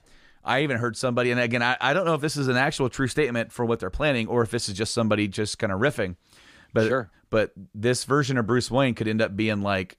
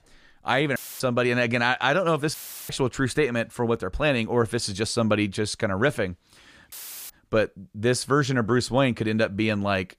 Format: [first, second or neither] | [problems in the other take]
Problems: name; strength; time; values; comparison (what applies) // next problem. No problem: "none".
first | audio cutting out; filled with static; at 1 s, at 2.5 s and at 6.5 s